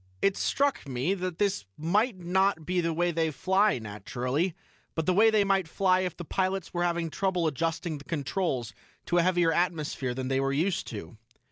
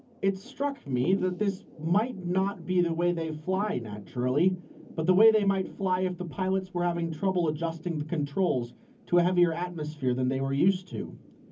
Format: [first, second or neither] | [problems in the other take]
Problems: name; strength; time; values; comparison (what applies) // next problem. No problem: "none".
first | background sound (Thunder / Rain); 19 dB below the speech // room echo; dies away in 0.3 s